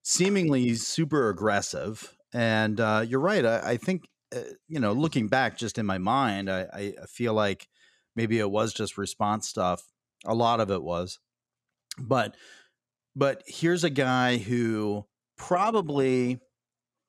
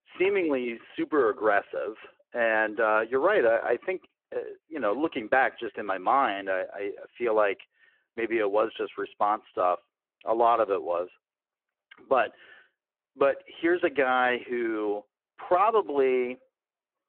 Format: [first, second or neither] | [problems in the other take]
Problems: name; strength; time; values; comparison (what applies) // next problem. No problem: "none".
first | phone-call audio